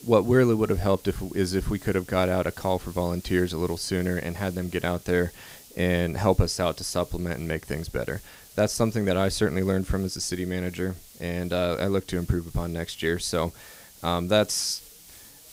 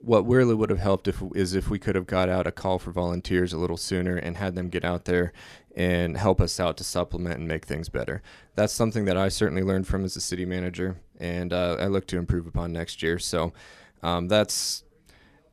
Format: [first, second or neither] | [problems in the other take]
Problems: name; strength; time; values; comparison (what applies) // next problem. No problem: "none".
second | hiss; faint; throughout; 20 dB below the speech